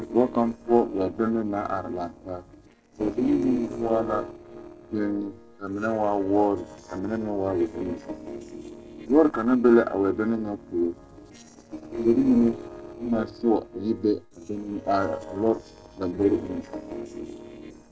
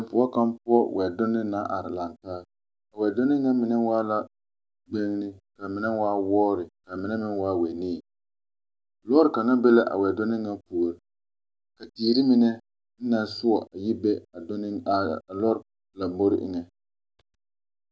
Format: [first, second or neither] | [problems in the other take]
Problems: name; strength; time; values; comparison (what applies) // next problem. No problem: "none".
second | noise reduction (neural separator model SepFormer DNS4)